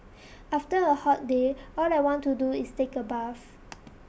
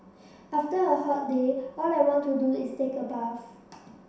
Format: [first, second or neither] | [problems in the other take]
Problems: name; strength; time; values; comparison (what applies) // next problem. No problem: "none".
first | room echo; dies away in 0.7 s